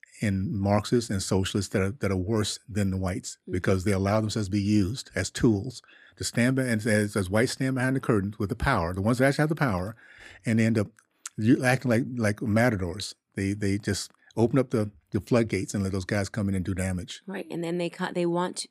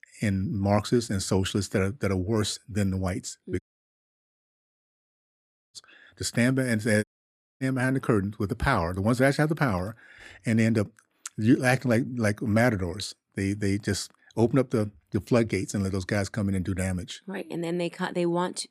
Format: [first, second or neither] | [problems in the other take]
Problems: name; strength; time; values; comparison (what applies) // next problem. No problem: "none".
first | audio cutting out; at 3.5 s for 2 s and at 7 s for 0.5 s